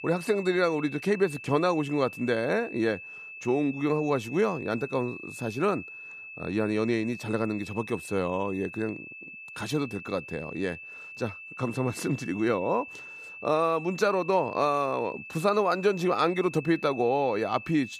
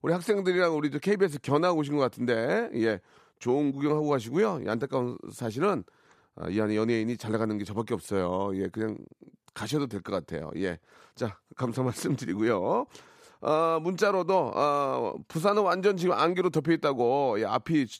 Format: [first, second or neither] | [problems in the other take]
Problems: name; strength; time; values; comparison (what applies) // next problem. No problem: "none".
second | high-pitched whine; noticeable; throughout; 2.5 kHz, 15 dB below the speech